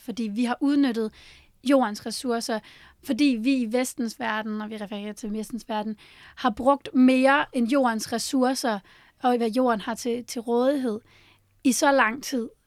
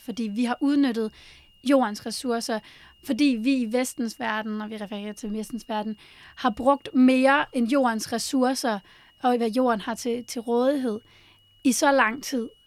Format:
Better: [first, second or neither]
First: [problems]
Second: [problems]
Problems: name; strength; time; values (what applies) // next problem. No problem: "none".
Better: first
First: none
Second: high-pitched whine; faint; throughout; 3 kHz, 35 dB below the speech